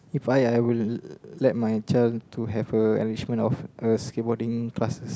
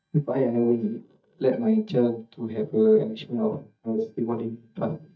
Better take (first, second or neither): first